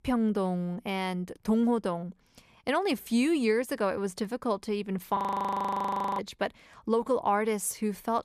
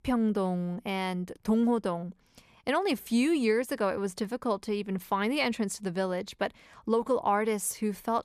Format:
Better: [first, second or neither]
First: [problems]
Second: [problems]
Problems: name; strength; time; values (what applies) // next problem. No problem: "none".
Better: second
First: audio freezing; at 5 s for 1 s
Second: none